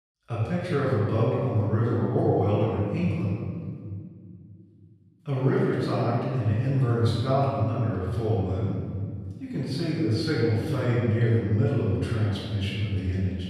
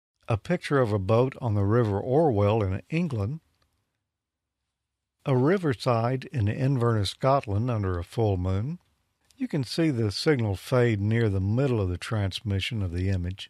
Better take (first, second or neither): second